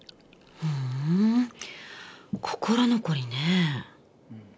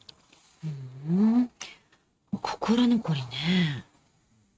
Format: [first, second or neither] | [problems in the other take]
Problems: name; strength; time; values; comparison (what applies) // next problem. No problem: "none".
first | noise reduction (neural mask model RNNoise)